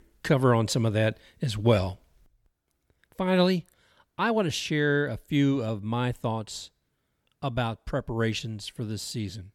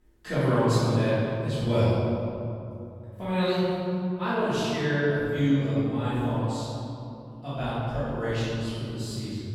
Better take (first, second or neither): first